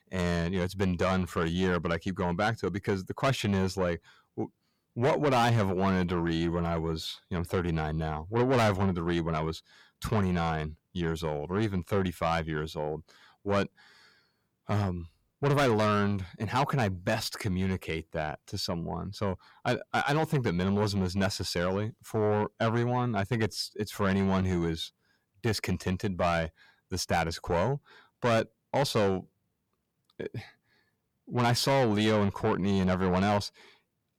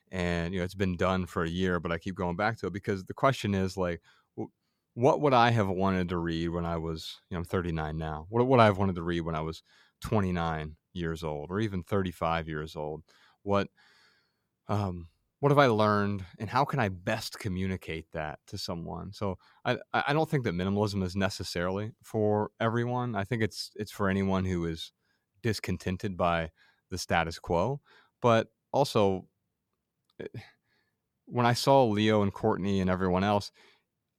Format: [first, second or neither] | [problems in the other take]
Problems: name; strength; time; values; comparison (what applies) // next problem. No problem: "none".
second | distortion; heavy; 8 dB below the speech